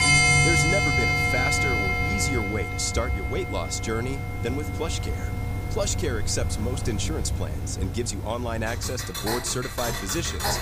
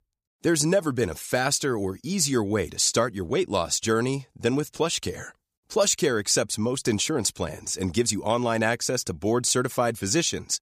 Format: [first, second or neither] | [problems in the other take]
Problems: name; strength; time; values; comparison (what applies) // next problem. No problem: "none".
second | household noises; very loud; throughout; 5 dB above the speech